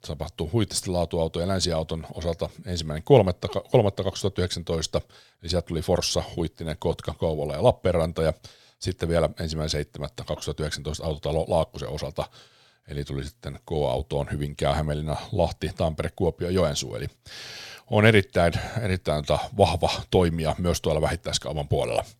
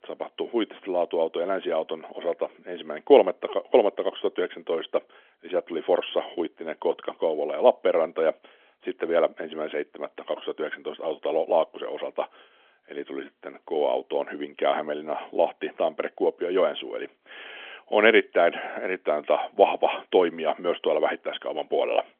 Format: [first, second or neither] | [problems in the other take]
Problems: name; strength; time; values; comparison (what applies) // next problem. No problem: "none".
first | phone-call audio; nothing above 3.5 kHz